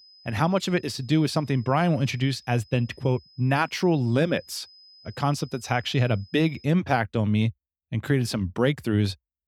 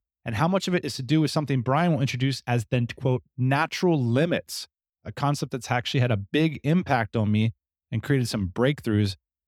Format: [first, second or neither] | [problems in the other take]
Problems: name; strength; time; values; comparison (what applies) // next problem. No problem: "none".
second | high-pitched whine; faint; until 6.5 s; 5 kHz, 25 dB below the speech